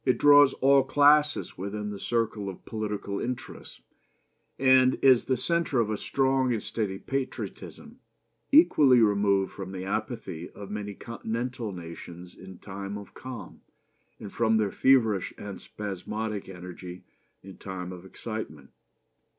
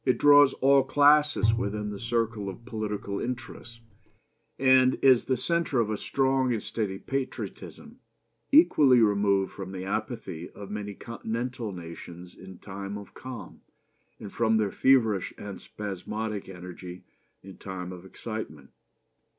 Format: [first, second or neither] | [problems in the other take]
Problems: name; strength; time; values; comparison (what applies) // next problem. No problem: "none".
first | background sound (Bowed string instrument); 6 dB below the speech